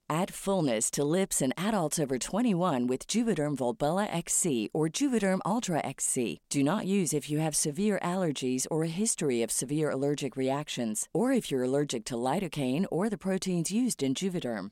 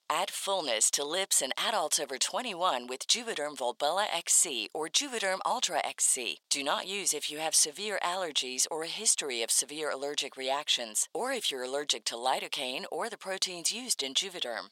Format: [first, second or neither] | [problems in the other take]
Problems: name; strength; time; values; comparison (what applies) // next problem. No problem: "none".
first | thin; very; fading below 800 Hz